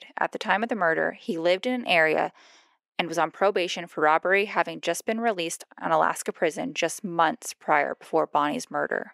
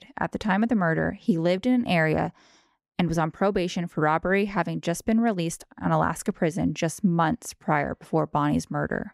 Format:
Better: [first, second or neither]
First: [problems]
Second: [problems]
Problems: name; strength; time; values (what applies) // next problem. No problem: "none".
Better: second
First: thin; somewhat; fading below 450 Hz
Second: none